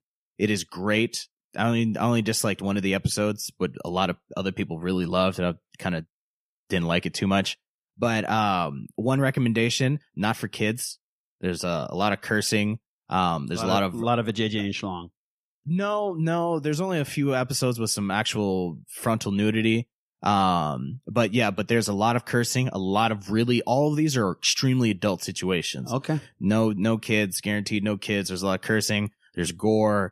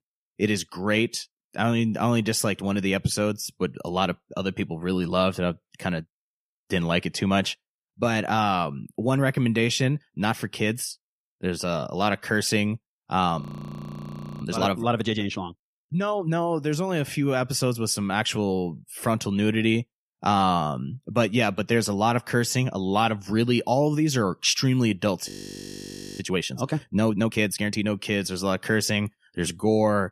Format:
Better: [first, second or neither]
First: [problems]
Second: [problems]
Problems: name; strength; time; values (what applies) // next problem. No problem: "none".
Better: first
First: none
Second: audio freezing; at 13 s for 1 s and at 25 s for 1 s